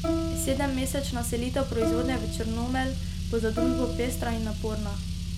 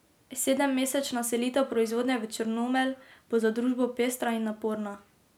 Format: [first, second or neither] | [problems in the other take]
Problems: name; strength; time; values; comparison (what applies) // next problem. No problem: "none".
second | background sound (Plucked string instrument + Car); 1 dB above the speech